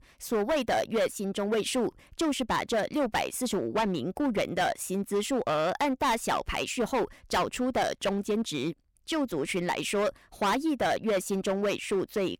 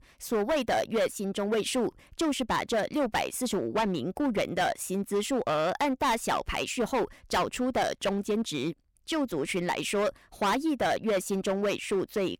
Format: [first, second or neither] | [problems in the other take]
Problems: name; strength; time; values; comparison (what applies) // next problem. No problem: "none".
neither | distortion; heavy; 12% of the sound clipped; the same in both